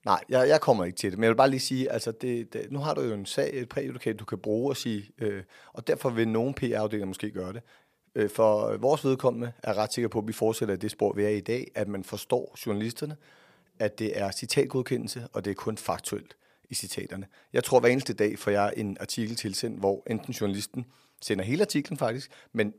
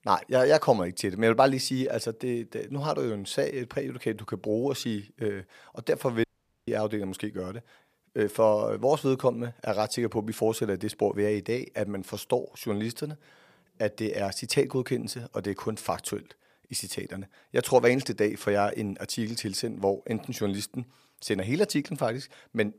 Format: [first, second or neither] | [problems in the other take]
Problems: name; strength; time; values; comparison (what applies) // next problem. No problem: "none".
first | audio cutting out; at 6 s